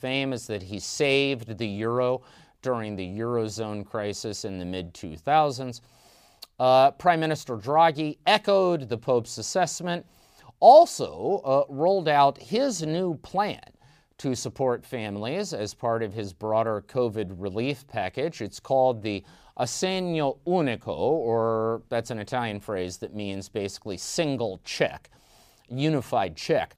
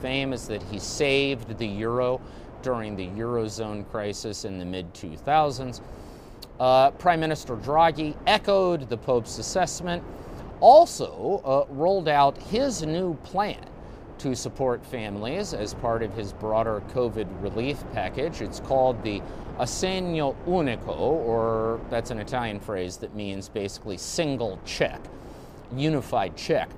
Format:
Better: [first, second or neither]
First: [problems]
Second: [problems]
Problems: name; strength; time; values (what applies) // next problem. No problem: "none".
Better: first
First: none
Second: wind noise on the microphone; occasional gusts; 20 dB below the speech